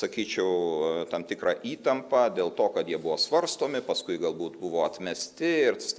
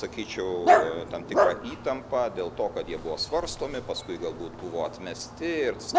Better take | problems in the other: first | background sound (Dog); 2 dB above the speech

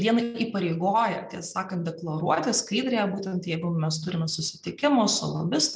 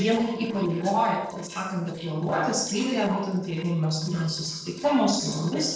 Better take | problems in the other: first | noise reduction (neural separator model SepFormer DNS4)

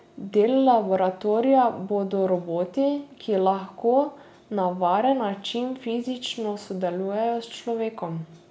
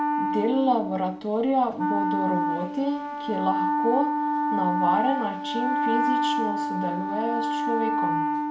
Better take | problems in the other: first | background sound (Wind instrument, woodwind instrument); 1 dB above the speech // room echo; dies away in 0.2 s

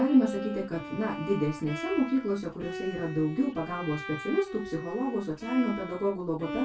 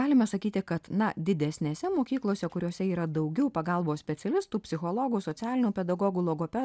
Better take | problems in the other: second | background sound (Bowed string instrument); 9 dB below the speech // room echo; dies away in 0.2 s

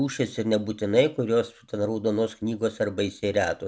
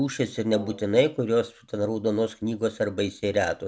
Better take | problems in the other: first | background sound (Brass instrument); 19 dB below the speech

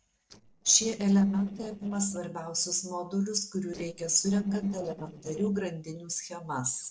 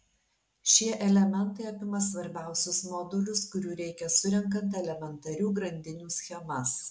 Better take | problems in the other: second | noise reduction (neural separator model SepFormer DNS4)

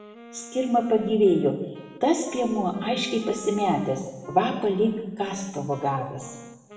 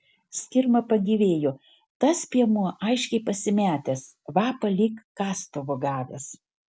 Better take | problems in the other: second | background sound (Wind instrument, woodwind instrument); 19 dB below the speech // room echo; dies away in 1.1 s

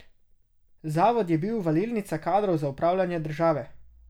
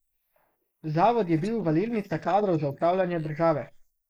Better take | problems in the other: first | noise reduction (neural mask model Resemble Enhance denoiser)

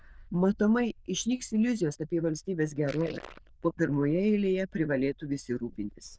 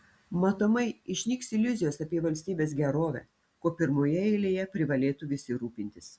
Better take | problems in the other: second | noise reduction (neural diffusion model UNIVERSE++)

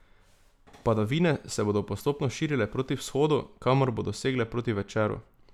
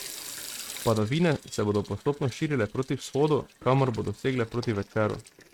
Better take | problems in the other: first | noise reduction (neural mask model RNNoise)

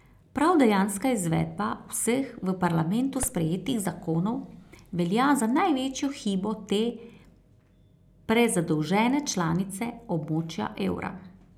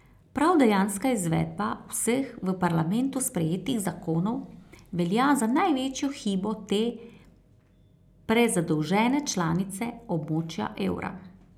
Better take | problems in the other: second | background sound (Fireworks); 17 dB below the speech

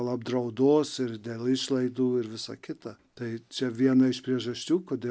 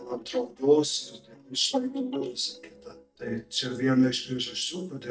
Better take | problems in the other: first | noise reduction (neural mask model DeepFilterNet 3)

